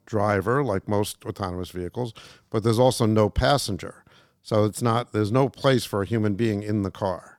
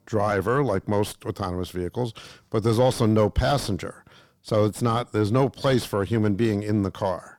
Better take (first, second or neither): first